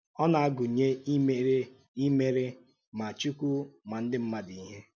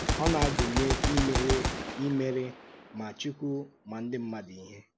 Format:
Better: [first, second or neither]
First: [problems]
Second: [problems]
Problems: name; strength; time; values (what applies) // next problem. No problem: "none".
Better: first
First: none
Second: background sound (Gunshot, gunfire); as loud as the speech